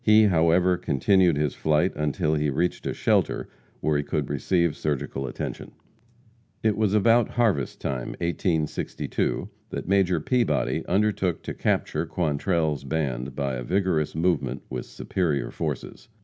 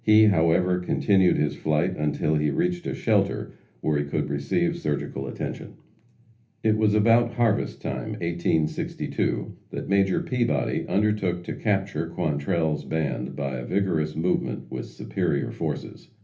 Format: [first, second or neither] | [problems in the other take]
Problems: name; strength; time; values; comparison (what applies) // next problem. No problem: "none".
first | room echo; dies away in 0.3 s